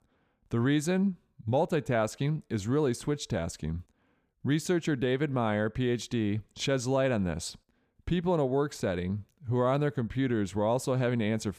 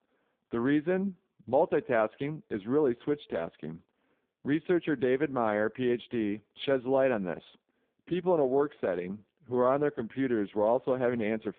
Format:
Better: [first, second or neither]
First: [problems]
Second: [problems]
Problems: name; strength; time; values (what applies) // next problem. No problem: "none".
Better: first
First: none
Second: phone-call audio; poor line